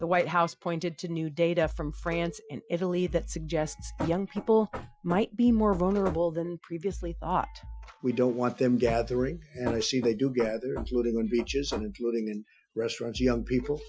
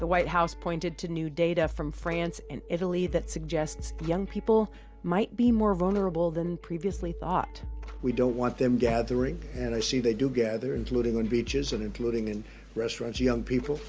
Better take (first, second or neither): second